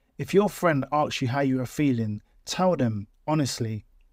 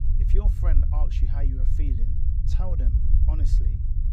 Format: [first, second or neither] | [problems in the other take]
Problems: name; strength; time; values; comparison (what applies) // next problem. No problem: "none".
first | low rumble; loud; throughout; 1 dB below the speech